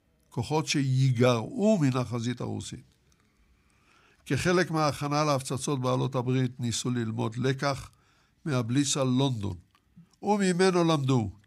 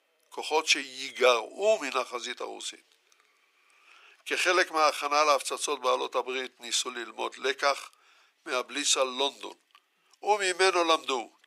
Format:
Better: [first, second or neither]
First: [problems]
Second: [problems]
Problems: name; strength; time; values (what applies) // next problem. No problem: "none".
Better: first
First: none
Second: thin; very; fading below 400 Hz